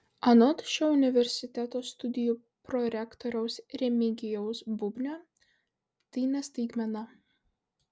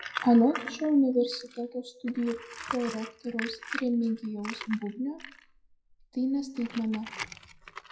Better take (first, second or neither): first